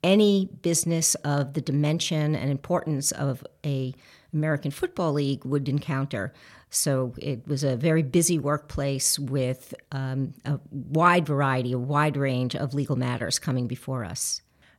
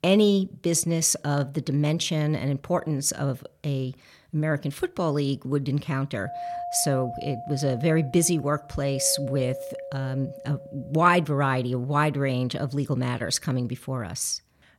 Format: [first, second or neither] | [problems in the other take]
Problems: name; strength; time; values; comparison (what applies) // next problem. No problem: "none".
first | doorbell; noticeable; from 6 to 11 s; peak 7 dB below the speech